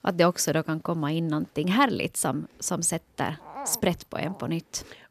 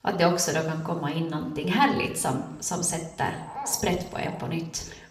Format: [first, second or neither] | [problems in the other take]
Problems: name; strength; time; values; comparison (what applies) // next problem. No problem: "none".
first | room echo; slight; dies away in 0.6 s